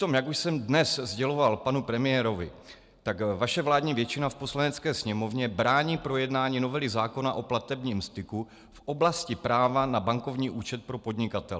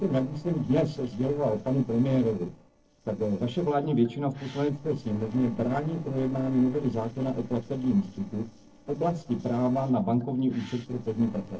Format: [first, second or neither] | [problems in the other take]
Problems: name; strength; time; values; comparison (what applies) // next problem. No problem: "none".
first | noise reduction (neural separator model SepFormer DNS4)